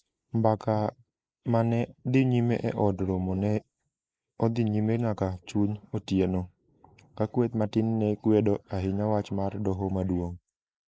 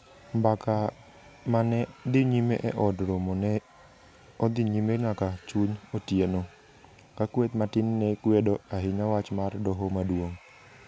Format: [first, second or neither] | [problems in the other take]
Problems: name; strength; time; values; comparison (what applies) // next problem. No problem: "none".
second | noise reduction (neural mask model Resemble Enhance denoiser)